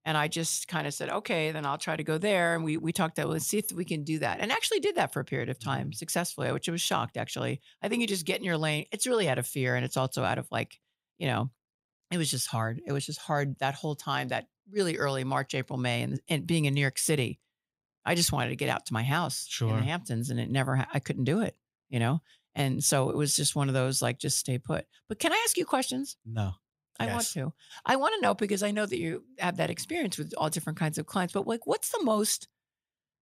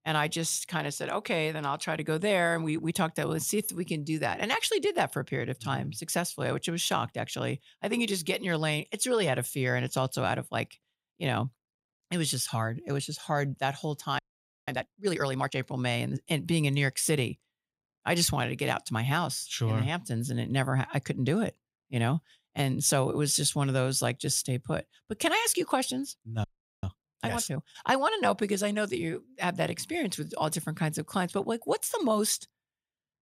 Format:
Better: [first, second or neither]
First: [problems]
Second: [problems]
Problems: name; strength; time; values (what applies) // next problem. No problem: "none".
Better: first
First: none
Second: audio freezing; at 14 s and at 26 s